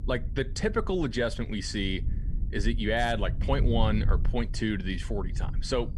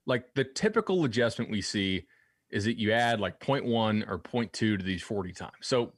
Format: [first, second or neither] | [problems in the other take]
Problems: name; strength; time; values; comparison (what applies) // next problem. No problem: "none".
second | low rumble; noticeable; throughout; 15 dB below the speech